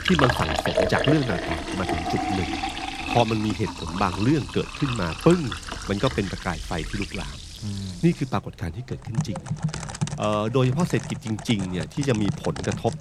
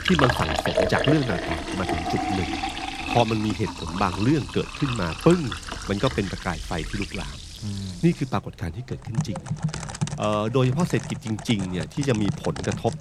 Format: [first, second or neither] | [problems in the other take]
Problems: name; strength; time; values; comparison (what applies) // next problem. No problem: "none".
neither | household noises; loud; throughout; 4 dB below the speech; the same in both